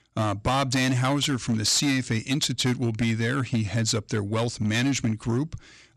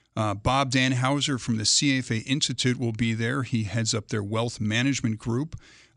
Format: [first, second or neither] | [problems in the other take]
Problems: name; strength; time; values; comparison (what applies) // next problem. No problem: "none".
second | distortion; slight; 9% of the sound clipped